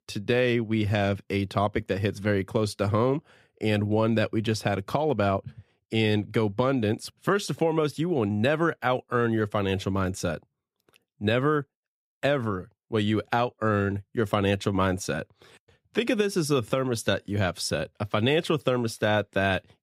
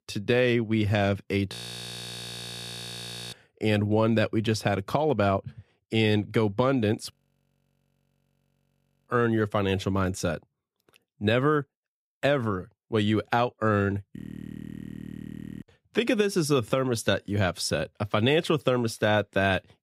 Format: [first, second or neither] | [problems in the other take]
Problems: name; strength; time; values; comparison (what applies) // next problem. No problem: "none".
first | audio freezing; at 1.5 s for 2 s, at 7 s for 2 s and at 14 s for 1.5 s